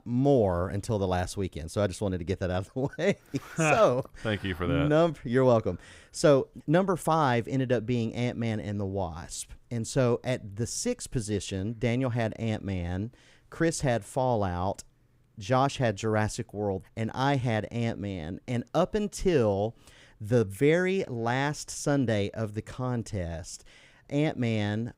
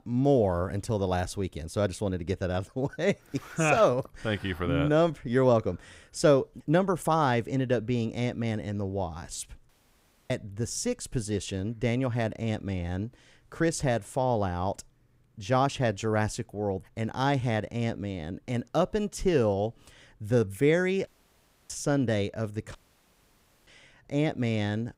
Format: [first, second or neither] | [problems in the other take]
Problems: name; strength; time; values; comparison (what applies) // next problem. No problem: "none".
first | audio cutting out; at 9.5 s for 0.5 s, at 21 s for 0.5 s and at 23 s for 1 s